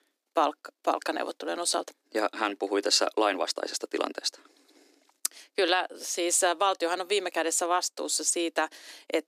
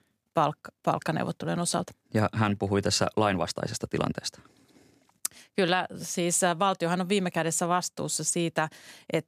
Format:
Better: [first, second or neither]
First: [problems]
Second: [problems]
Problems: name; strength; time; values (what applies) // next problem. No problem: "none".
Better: second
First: thin; somewhat; fading below 300 Hz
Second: none